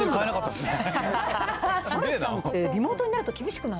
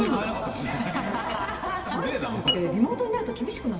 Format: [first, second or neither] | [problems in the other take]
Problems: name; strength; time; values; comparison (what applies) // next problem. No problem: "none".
first | background sound (Glass); 11 dB below the speech // room echo; dies away in 2.3 s